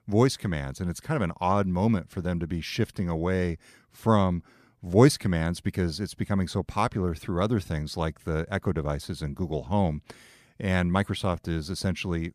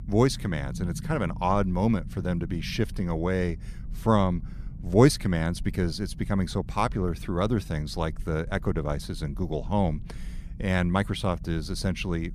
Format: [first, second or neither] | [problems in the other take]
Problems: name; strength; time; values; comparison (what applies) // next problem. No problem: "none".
first | low rumble; faint; throughout; 20 dB below the speech